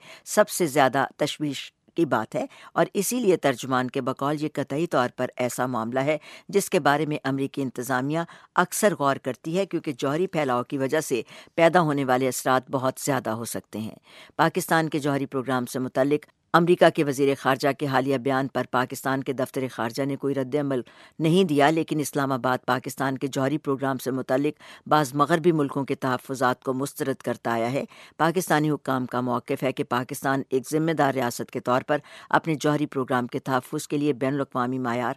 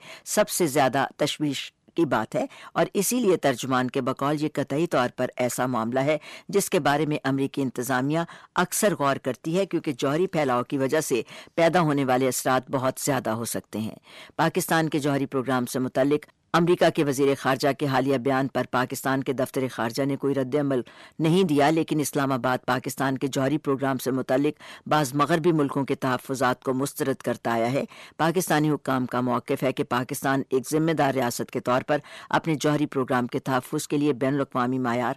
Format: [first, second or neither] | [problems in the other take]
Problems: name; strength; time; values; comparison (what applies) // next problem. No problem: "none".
first | distortion; slight; 10 dB below the speech